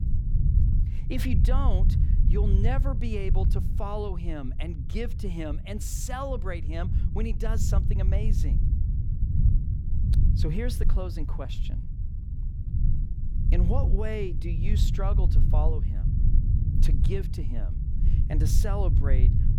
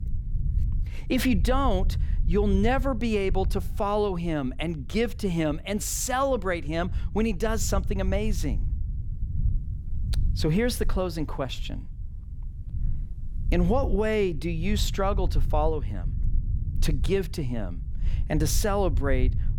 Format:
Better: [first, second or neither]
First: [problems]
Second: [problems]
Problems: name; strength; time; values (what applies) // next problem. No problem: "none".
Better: second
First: low rumble; loud; throughout; 6 dB below the speech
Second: low rumble; faint; throughout; 20 dB below the speech